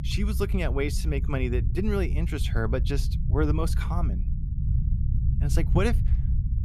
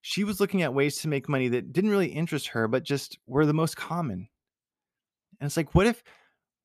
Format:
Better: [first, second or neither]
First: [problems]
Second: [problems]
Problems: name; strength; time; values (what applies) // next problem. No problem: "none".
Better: second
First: low rumble; noticeable; throughout; 10 dB below the speech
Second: none